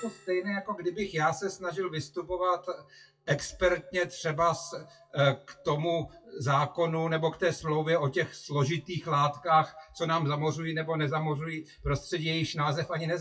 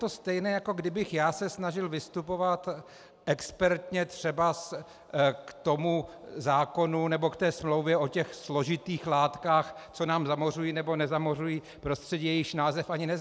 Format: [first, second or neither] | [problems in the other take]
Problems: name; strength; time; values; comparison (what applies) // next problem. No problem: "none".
second | noise reduction (classical method WPE with log-MMSE)